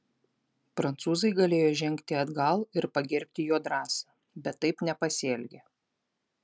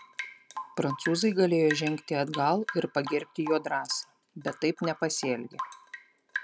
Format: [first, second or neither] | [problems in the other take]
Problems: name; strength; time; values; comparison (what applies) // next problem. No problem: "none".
first | background sound (Drip / Rain); 11 dB below the speech